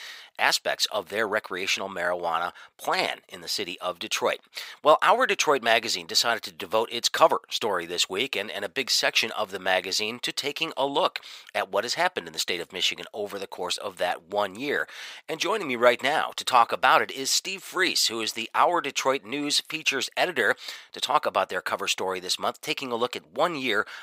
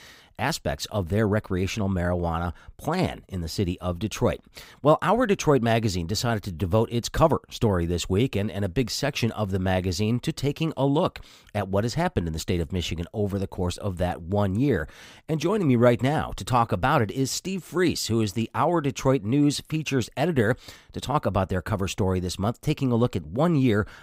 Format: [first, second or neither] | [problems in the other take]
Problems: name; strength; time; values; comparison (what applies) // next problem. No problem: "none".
second | thin; very; fading below 650 Hz